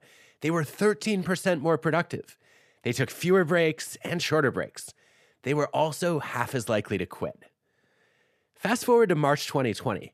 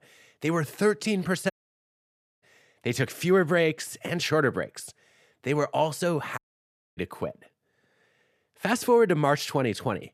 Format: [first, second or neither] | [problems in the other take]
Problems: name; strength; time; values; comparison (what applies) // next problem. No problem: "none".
first | audio cutting out; at 1.5 s for 1 s and at 6.5 s for 0.5 s